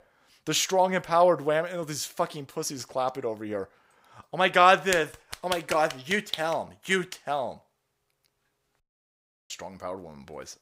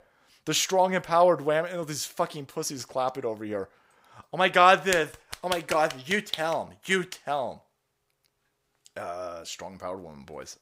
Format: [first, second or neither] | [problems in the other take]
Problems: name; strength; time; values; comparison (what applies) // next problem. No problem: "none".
second | audio cutting out; at 9 s for 0.5 s